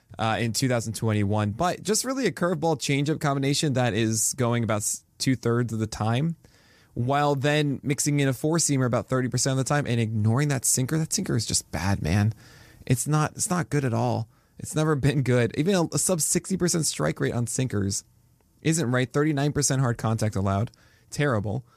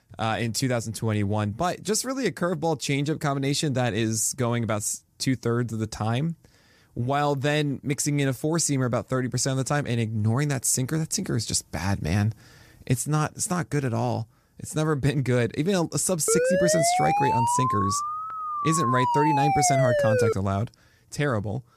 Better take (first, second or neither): first